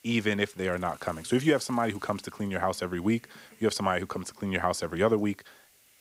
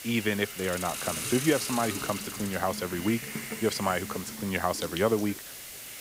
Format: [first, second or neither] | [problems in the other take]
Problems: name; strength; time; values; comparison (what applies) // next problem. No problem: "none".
first | hiss; loud; throughout; 6 dB below the speech; faint in the first